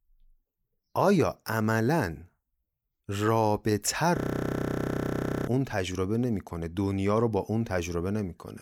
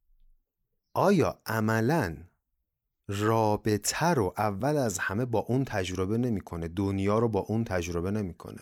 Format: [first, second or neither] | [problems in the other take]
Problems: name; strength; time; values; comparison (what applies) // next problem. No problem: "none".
second | audio freezing; at 4 s for 1.5 s